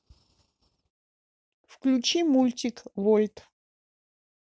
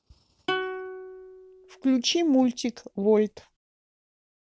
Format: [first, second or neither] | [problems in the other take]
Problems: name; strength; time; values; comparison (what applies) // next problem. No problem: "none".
first | background sound (Plucked string instrument); 10 dB below the speech